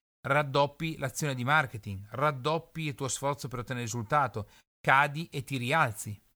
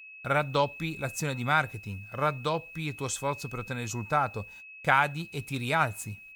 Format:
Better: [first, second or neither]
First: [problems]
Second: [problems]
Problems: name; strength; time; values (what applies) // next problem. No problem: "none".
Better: first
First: none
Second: high-pitched whine; noticeable; throughout; 2.5 kHz, 15 dB below the speech